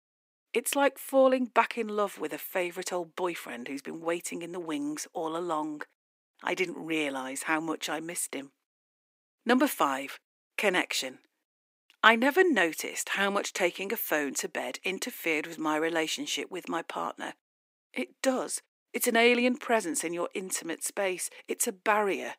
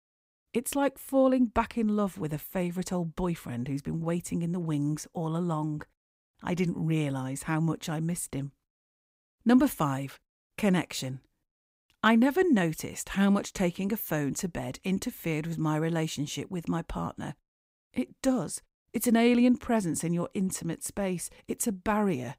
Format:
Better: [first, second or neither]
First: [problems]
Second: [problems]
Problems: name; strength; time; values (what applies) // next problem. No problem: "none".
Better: second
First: thin; somewhat; fading below 300 Hz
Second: none